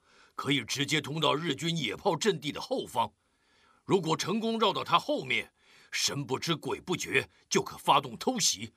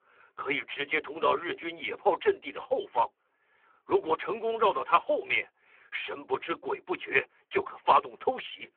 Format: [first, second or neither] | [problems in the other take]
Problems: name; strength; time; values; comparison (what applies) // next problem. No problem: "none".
first | phone-call audio; poor line